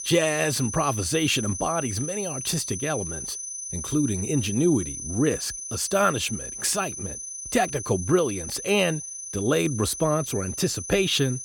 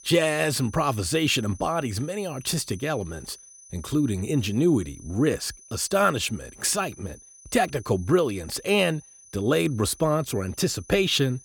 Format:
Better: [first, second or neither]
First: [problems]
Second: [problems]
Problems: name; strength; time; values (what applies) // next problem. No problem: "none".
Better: second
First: high-pitched whine; loud; throughout; 6 kHz, 7 dB below the speech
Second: high-pitched whine; faint; throughout; 6 kHz, 20 dB below the speech